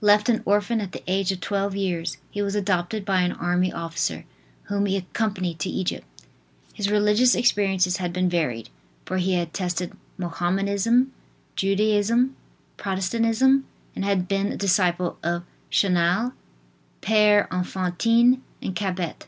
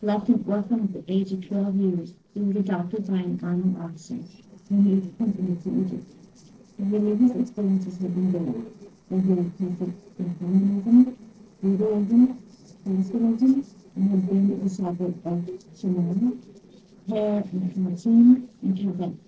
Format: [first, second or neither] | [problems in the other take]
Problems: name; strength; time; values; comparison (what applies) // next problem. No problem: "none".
first | noise reduction (neural separator model SepFormer DNS4)